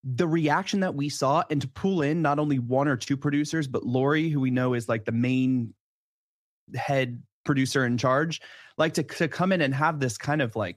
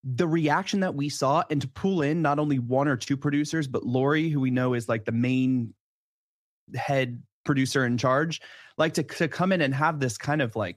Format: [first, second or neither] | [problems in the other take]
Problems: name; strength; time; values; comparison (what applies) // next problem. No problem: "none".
neither | none